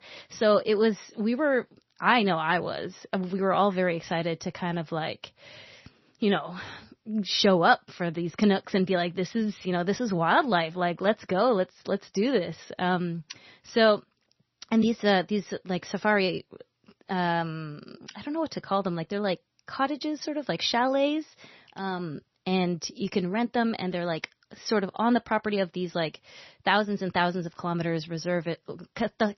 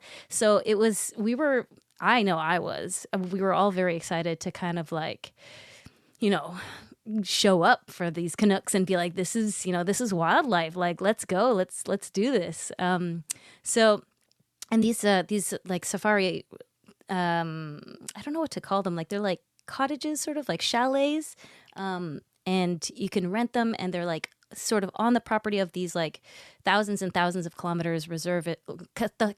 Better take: second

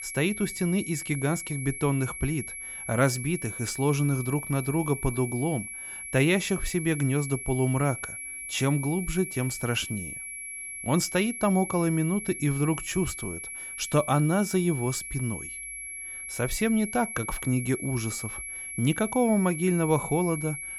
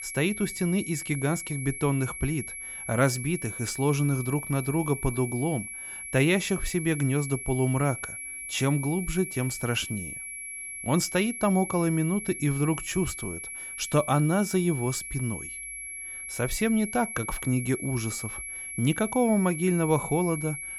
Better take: neither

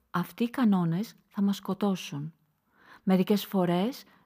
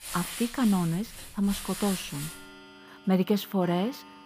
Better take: first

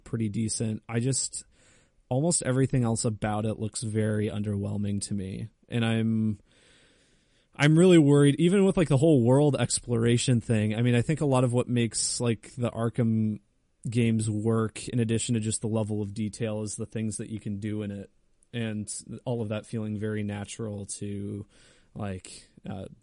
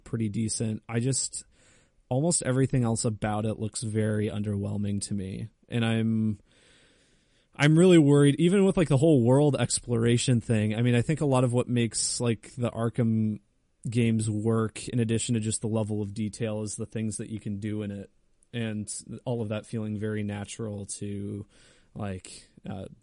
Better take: neither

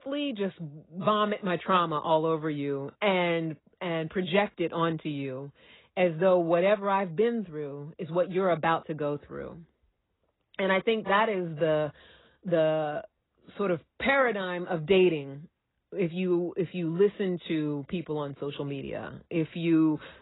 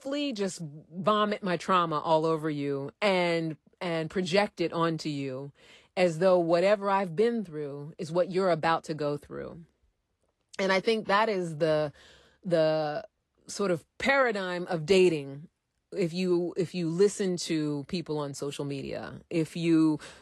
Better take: second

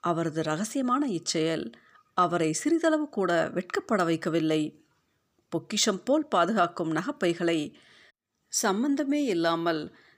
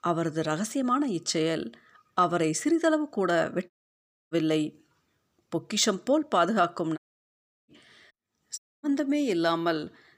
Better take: first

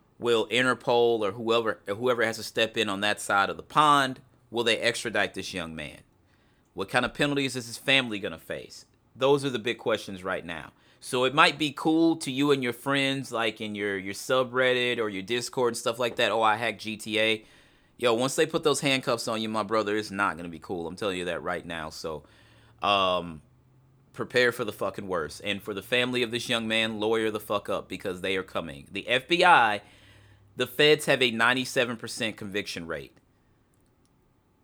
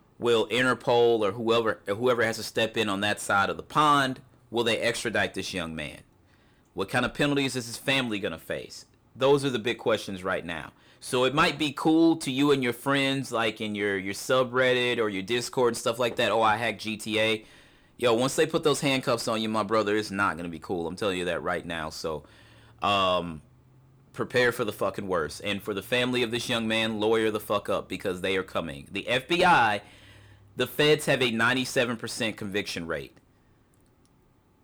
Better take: first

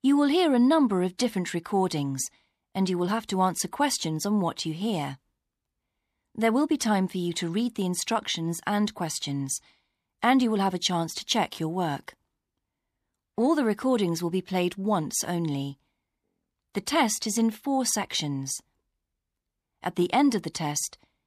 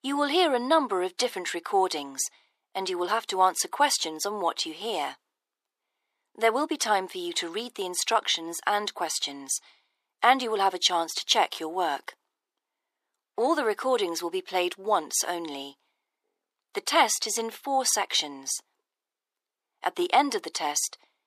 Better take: first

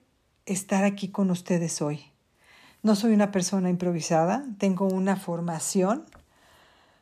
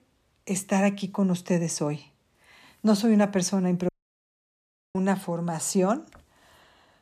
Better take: first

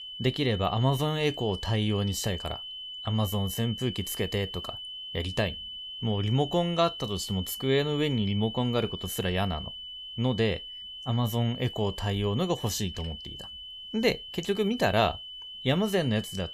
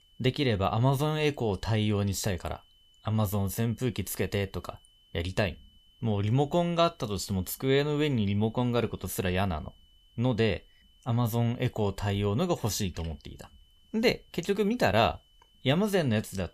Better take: second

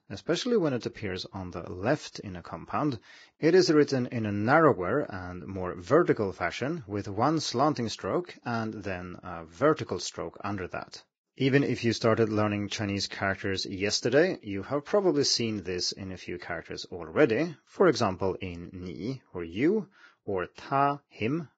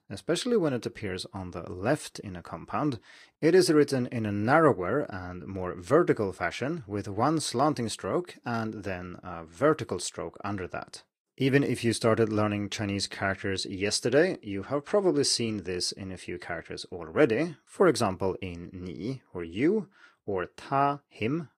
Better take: second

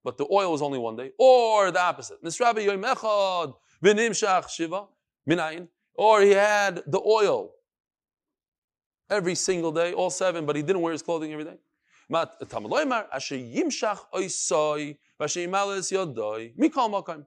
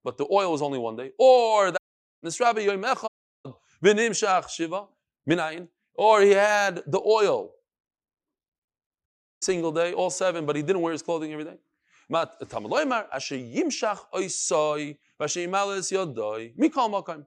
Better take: first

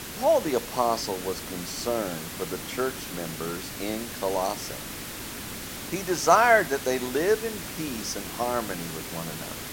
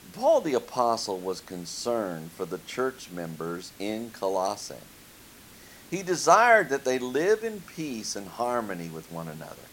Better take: second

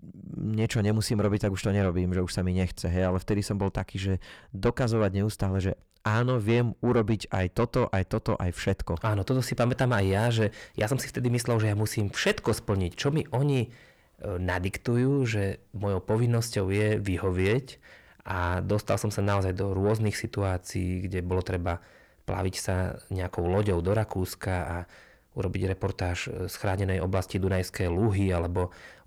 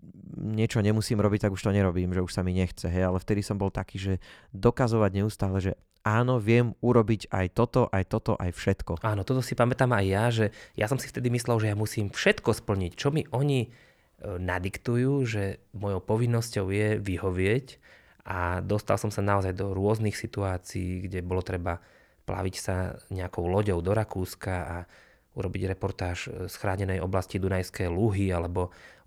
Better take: second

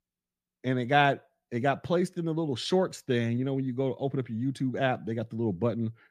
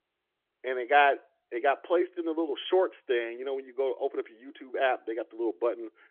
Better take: first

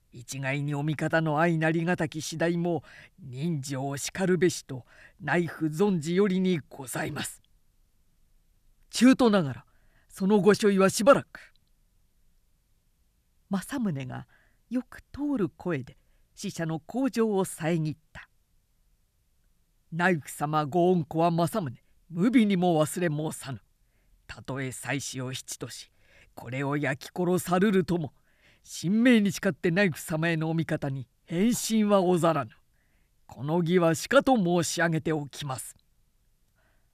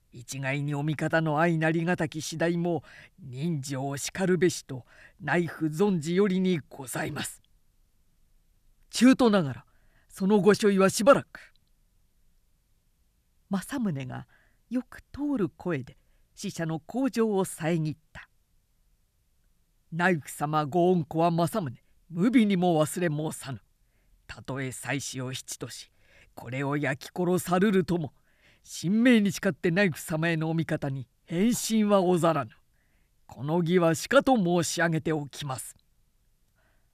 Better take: neither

